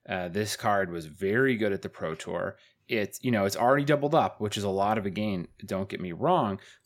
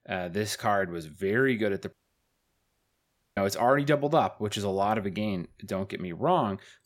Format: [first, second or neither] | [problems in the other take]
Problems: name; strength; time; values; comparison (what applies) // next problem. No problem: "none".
first | audio cutting out; at 2 s for 1.5 s